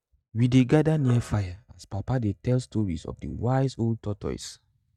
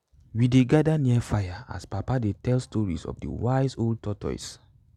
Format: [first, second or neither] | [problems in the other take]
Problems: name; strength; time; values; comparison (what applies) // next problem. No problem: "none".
second | noise reduction (neural mask model DeepFilterNet 3)